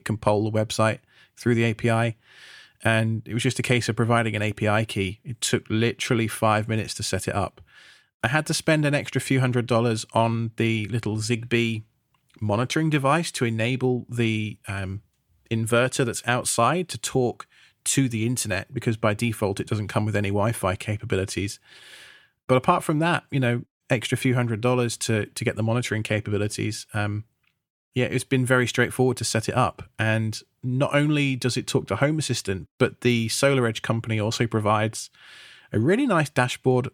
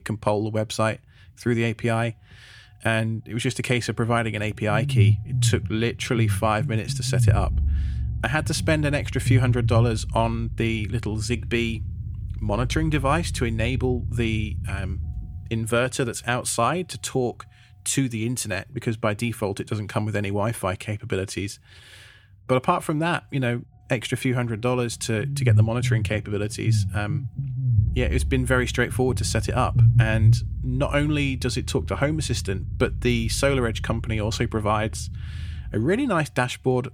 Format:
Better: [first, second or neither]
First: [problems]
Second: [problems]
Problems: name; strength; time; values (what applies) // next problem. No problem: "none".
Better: first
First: none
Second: low rumble; noticeable; throughout; 15 dB below the speech